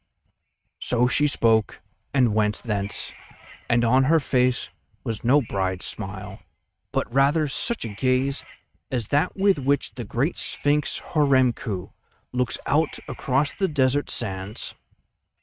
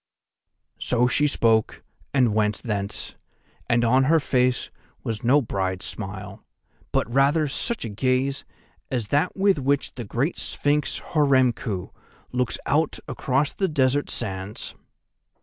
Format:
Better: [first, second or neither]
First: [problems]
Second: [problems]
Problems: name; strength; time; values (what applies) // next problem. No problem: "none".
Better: second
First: noise reduction (neural mask model RNNoise)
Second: none